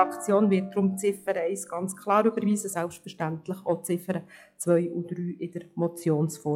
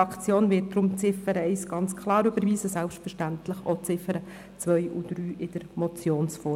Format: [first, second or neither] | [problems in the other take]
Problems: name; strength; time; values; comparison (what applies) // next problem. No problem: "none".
second | noise reduction (classical method log-MMSE)